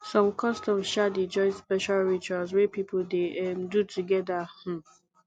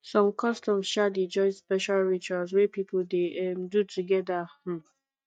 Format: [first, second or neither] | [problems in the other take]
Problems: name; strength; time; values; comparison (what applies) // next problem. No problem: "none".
first | noise reduction (neural mask model DeepFilterNet 3)